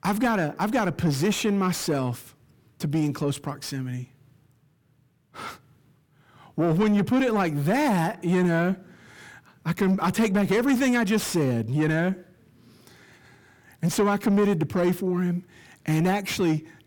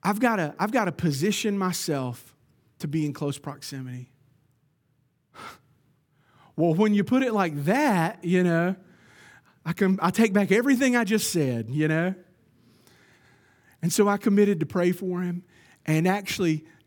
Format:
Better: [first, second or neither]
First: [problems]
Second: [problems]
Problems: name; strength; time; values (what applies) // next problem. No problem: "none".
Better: second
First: distortion; slight; 10 dB below the speech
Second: none